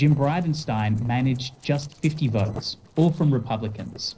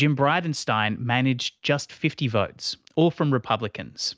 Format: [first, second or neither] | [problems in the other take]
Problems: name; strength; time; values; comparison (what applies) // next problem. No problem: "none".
second | noise reduction (neural separator model SepFormer DNS4)